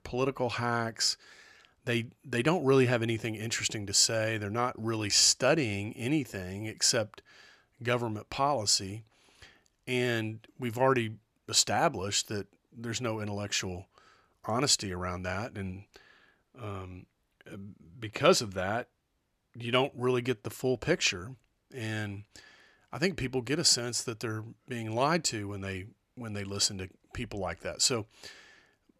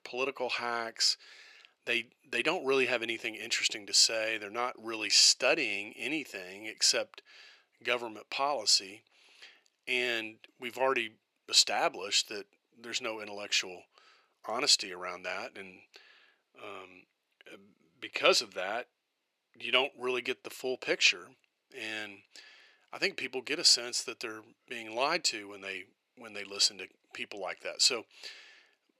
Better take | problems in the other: first | thin; somewhat; fading below 450 Hz

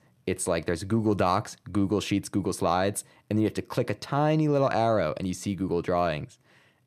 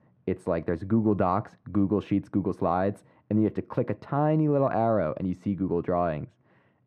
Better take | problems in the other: first | muffled; very; fading above 3 kHz

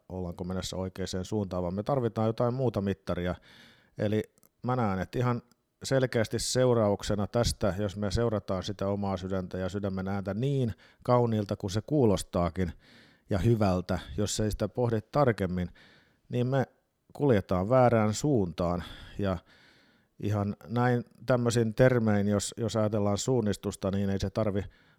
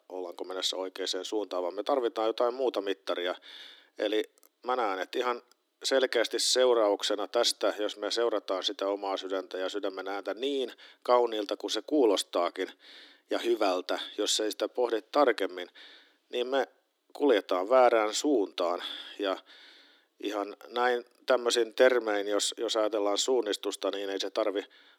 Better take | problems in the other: first | thin; somewhat; fading below 300 Hz

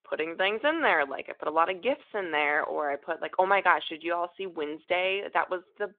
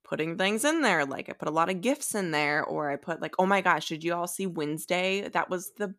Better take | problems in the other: second | phone-call audio

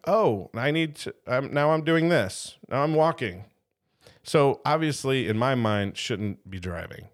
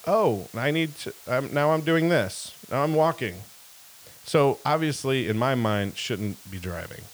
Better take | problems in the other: first | hiss; faint; throughout; 20 dB below the speech

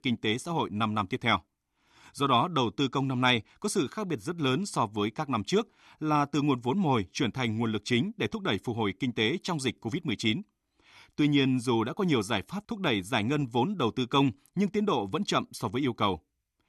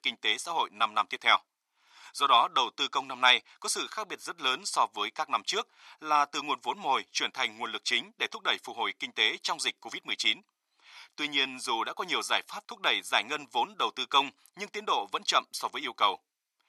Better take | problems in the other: first | thin; very; fading below 900 Hz

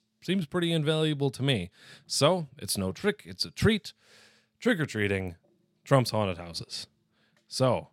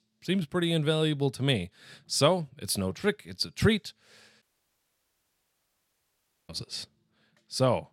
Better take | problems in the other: first | audio cutting out; at 4.5 s for 2 s

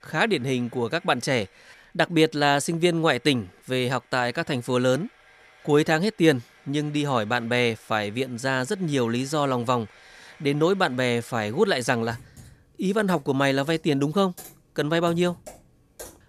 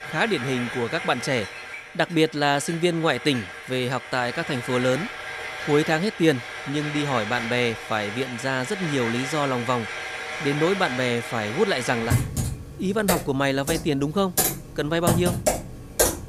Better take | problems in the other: first | household noises; loud; throughout; 5 dB below the speech; faint in the first

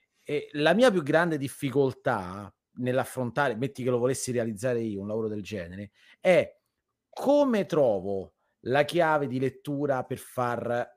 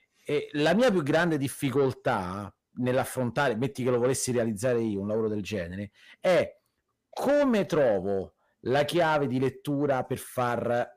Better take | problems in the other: first | distortion; slight; 10 dB below the speech

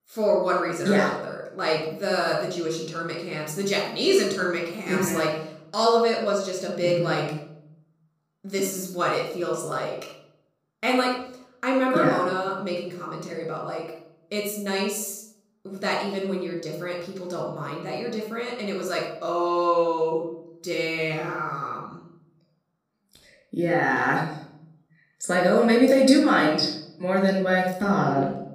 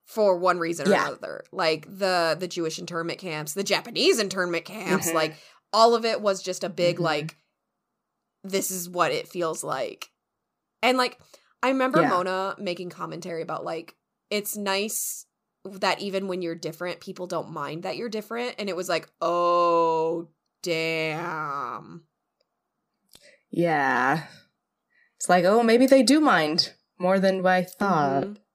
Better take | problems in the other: second | off-mic speech; somewhat distant // room echo; noticeable; dies away in 0.6 s

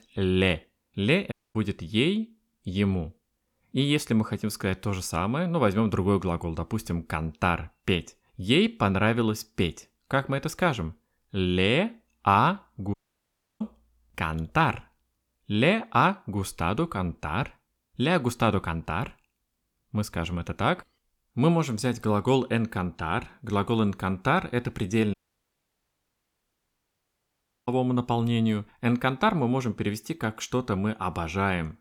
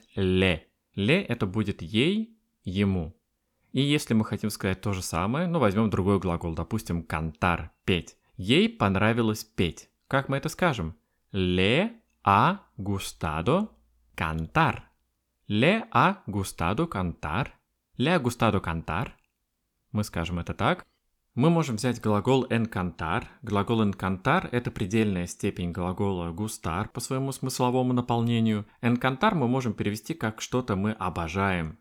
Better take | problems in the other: second | audio cutting out; at 1.5 s, at 13 s for 0.5 s and at 25 s for 2.5 s

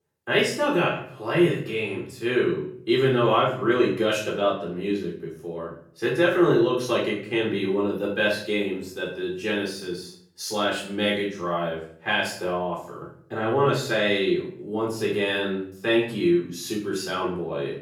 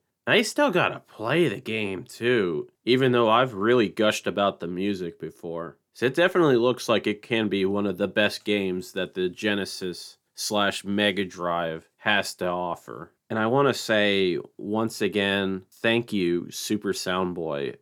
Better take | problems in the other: second | off-mic speech; far // room echo; noticeable; dies away in 0.5 s

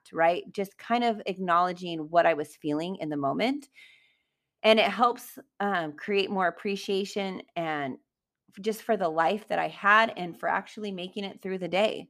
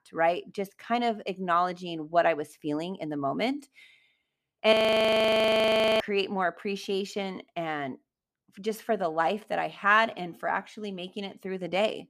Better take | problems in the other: first | audio freezing; at 4.5 s for 1.5 s

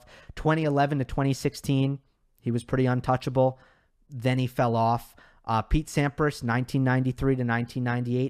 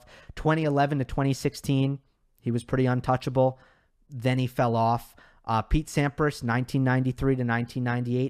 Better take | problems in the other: neither | none

